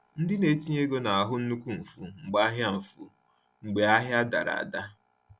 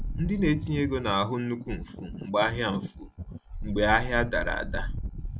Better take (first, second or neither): first